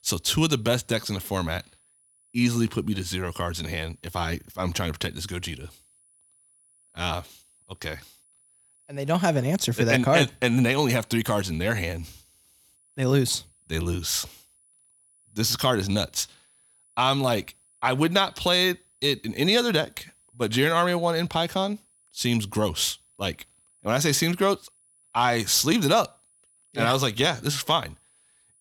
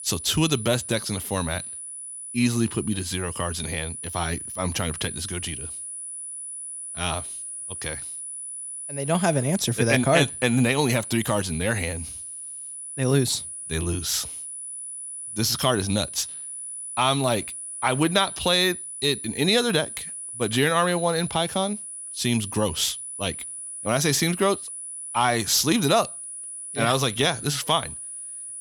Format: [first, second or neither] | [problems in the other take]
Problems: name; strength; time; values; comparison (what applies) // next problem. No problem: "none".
first | high-pitched whine; loud; throughout; 10 kHz, 9 dB below the speech; faint in the first